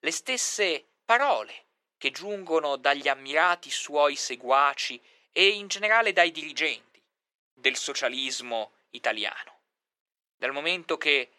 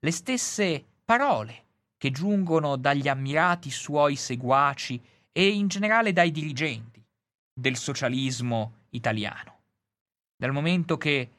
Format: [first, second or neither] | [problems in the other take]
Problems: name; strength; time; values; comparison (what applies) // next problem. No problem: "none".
second | thin; very; fading below 400 Hz